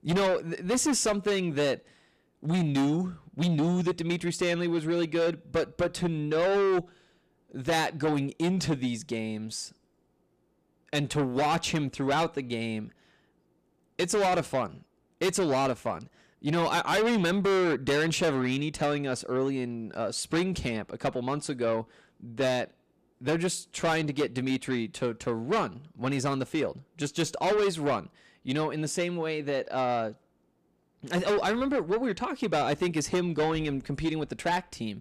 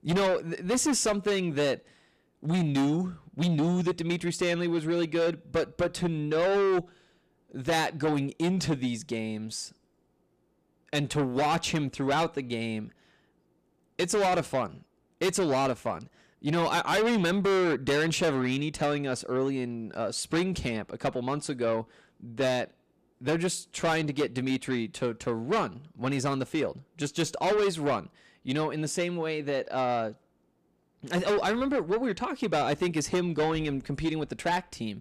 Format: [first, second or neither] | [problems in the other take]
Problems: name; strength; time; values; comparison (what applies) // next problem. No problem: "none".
neither | distortion; heavy; 7 dB below the speech; the same in both